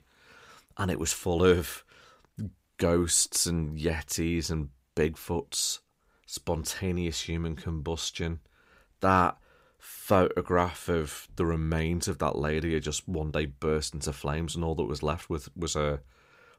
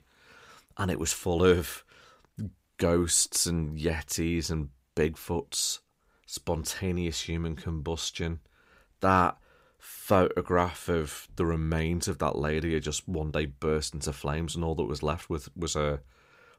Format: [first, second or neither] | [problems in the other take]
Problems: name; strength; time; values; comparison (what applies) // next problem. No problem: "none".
neither | none